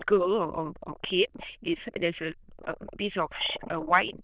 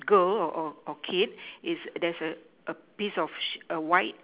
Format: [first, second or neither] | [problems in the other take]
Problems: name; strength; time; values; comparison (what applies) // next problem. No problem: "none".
second | noise reduction (neural diffusion model UNIVERSE++)